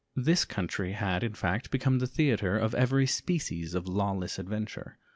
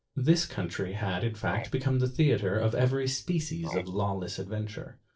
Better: first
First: none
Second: noise reduction (neural separator model SepFormer DNS4)

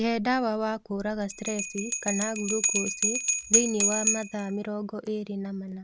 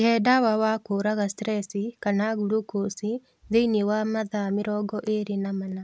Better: second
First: background sound (Bell); as loud as the speech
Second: none

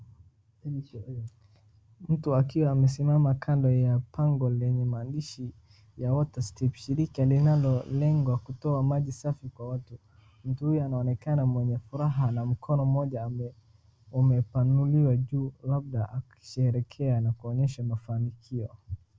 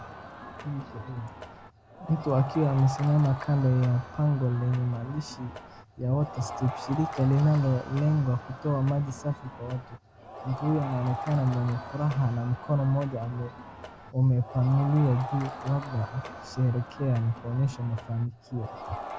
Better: first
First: none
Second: background sound (Crowd); 13 dB below the speech

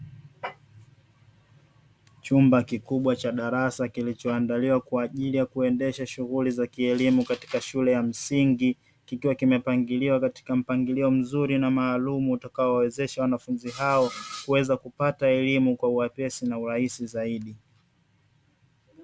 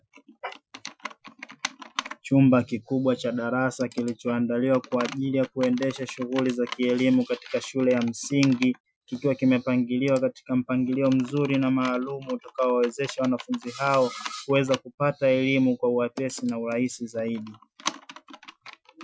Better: first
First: none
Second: noise reduction (classical method Wiener filter)

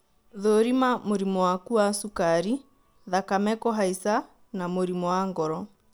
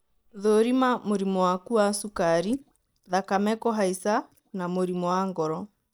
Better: first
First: none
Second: noise reduction (neural mask model DeepFilterNet 3)

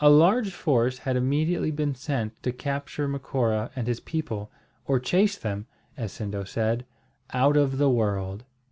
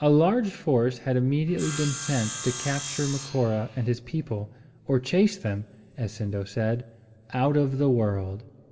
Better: first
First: none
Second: background sound (Sawing); 10 dB below the speech // room echo; dies away in 1.6 s

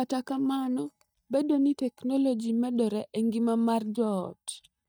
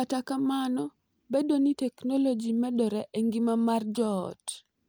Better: second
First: noise reduction (neural mask model DeepFilterNet 3)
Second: none

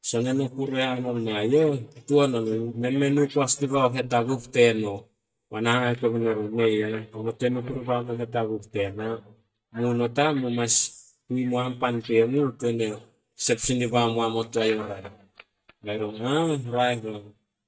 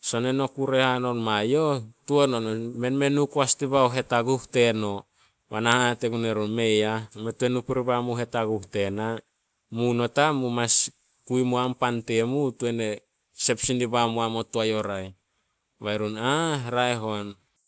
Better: second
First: noise reduction (neural mask model DeepFilterNet 3)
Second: none

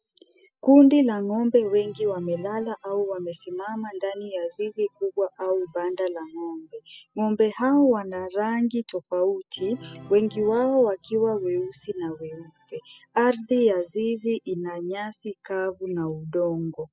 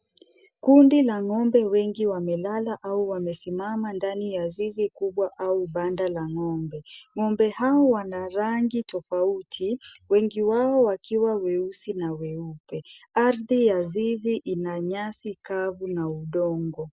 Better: second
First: noise reduction (classical method spectral subtraction)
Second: none

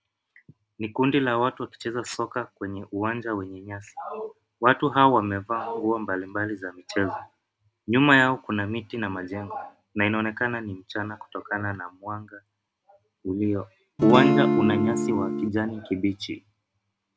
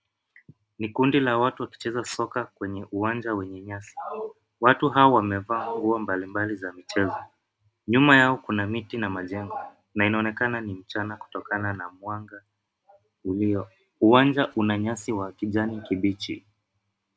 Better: second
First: background sound (Acoustic guitar / Strum); 4 dB above the speech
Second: none

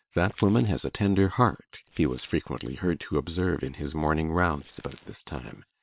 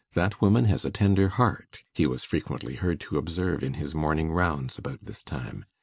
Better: second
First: noise reduction (neural separator model SepFormer WHAM!)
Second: none

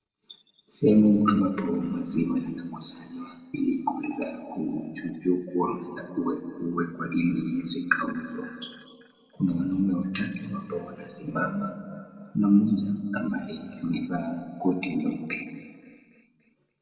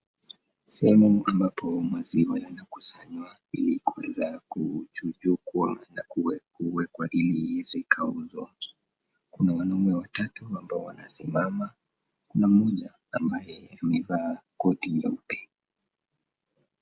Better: second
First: room echo; dies away in 1.7 s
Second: none

